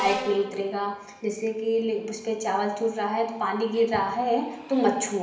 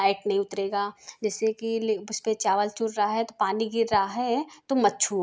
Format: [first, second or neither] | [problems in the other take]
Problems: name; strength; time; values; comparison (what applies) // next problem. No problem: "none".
second | background sound (Subway, metro, underground); 18 dB below the speech // room echo; dies away in 0.8 s